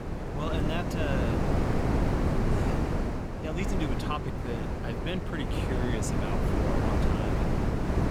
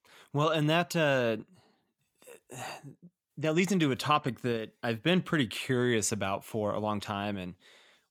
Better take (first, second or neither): second